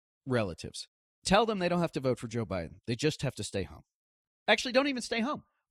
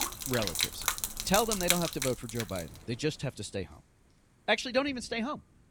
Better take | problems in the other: first | rain or running water; very loud; throughout; 1 dB above the speech

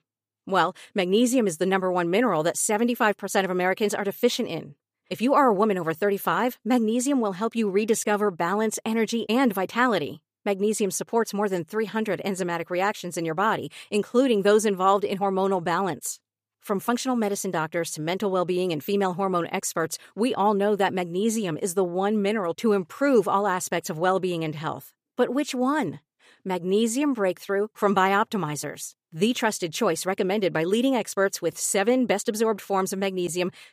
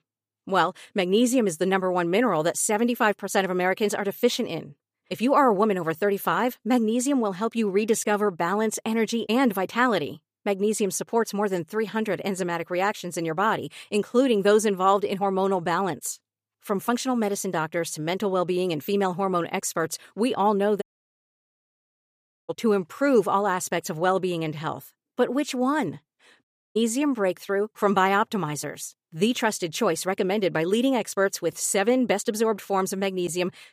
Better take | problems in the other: first | audio cutting out; at 21 s for 1.5 s and at 26 s

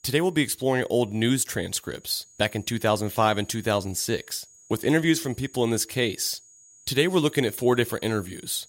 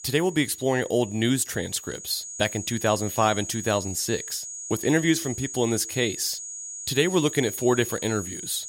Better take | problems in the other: first | high-pitched whine; loud; throughout; 6.5 kHz, 9 dB below the speech; faint in the first

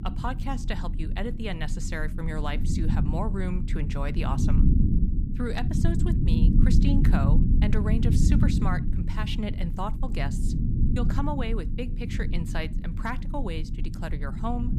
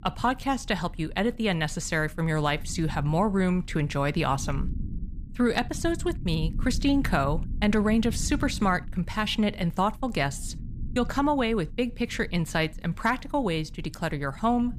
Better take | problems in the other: second | low rumble; loud; throughout; 3 dB below the speech; faint in the second

